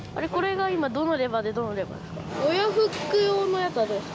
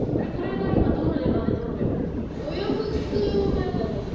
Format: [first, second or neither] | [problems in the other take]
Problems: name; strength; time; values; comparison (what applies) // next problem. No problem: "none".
first | background sound (Thunder); 5 dB above the speech // room echo; dies away in 1.1 s